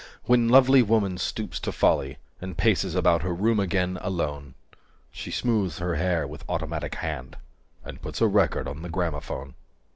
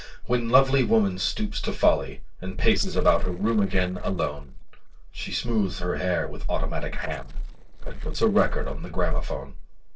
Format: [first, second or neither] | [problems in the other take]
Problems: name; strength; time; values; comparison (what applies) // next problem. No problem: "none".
first | noise reduction (neural separator model SepFormer DNS4)